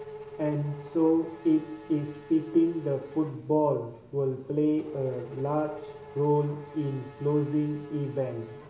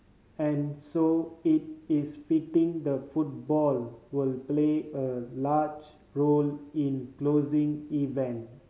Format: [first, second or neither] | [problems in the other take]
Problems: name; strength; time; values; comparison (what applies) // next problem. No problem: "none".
second | background sound (Race car, auto racing / Accelerating, revving, vroom); 17 dB below the speech // room echo; dies away in 0.7 s